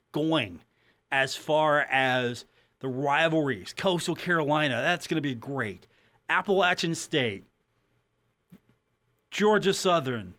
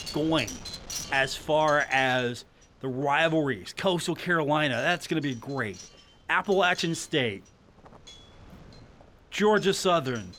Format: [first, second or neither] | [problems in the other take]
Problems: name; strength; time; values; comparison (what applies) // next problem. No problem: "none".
first | wind noise on the microphone; occasional gusts; 20 dB below the speech